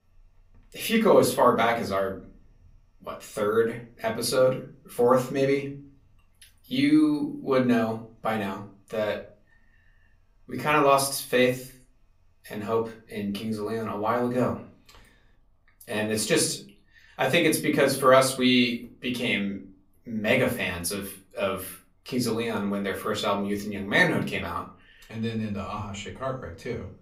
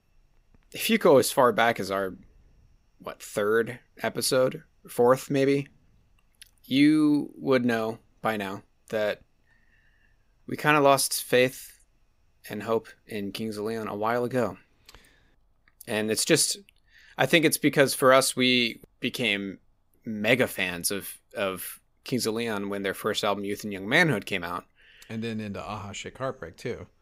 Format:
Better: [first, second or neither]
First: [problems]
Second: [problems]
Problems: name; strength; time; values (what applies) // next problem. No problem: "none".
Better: second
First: off-mic speech; far // room echo; very slight; dies away in 0.3 s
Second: none